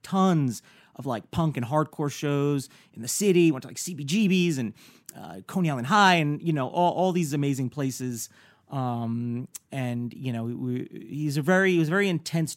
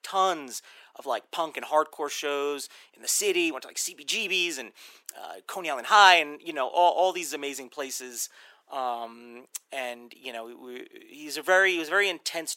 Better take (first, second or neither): first